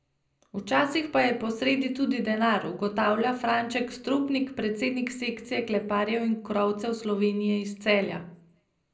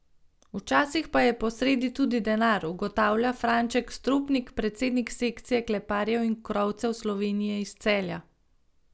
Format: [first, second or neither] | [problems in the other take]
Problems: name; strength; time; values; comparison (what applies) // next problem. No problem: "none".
second | room echo; dies away in 0.4 s